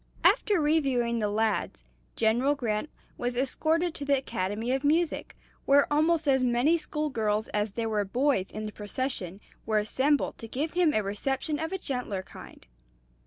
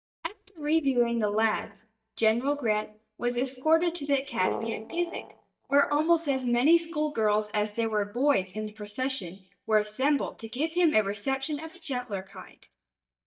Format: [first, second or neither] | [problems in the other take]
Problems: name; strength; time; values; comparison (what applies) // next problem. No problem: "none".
first | noise reduction (neural mask model DeepFilterNet 3)